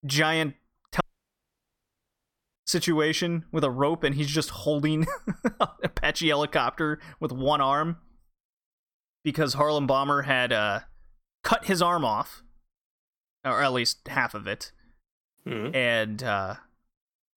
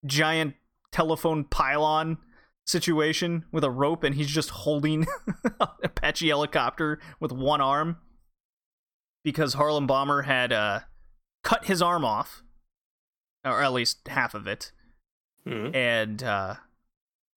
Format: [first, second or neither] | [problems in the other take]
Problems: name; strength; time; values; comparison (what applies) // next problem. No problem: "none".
second | audio cutting out; at 1 s for 1.5 s